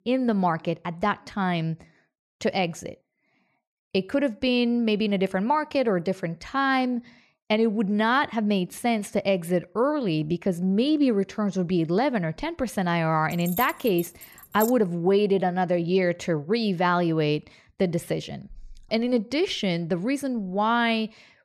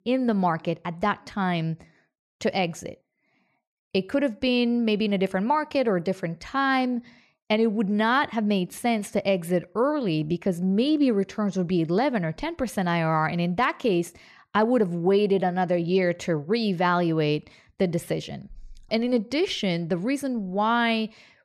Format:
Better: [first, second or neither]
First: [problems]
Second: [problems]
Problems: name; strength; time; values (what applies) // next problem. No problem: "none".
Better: second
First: jangling keys; noticeable; from 13 to 15 s; peak 8 dB below the speech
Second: none